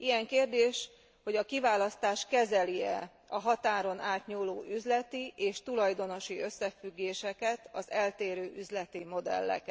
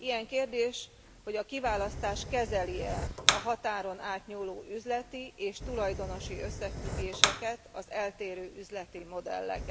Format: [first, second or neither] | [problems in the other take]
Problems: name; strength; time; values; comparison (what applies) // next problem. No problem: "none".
first | background sound (Fire); 2 dB below the speech